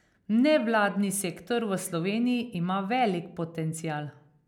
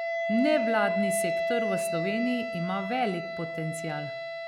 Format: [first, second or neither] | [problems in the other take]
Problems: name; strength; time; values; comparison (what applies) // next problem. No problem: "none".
first | background sound (Wind instrument, woodwind instrument); as loud as the speech